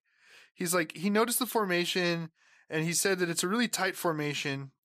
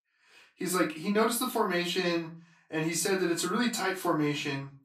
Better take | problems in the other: first | off-mic speech; far // room echo; very slight; dies away in 0.3 s

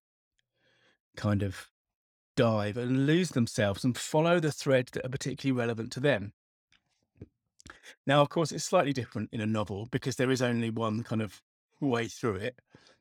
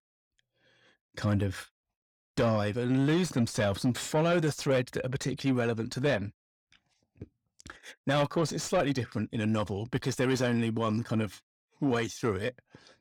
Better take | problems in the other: first | distortion; slight; 10 dB below the speech

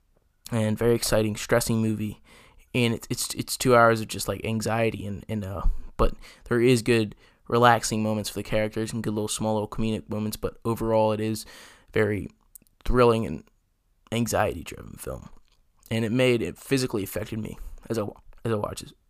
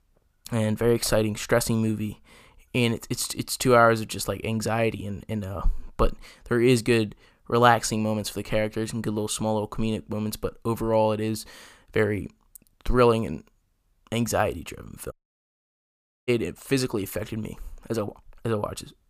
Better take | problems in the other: first | audio cutting out; at 15 s for 1 s

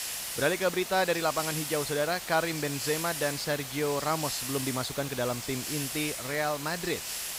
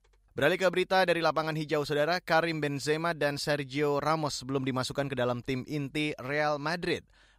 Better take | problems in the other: second | hiss; loud; throughout; 4 dB below the speech

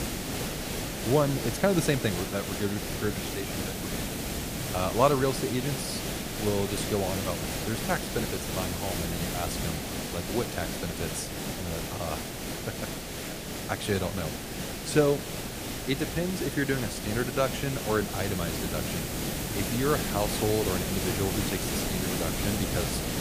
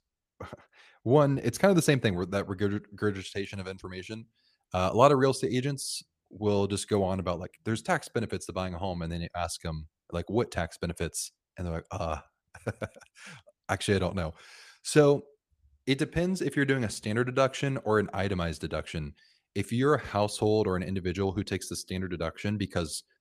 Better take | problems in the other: second | hiss; loud; throughout; 1 dB below the speech

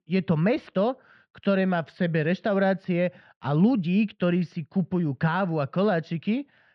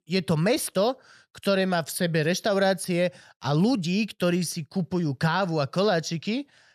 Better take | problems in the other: second | muffled; very; fading above 3 kHz

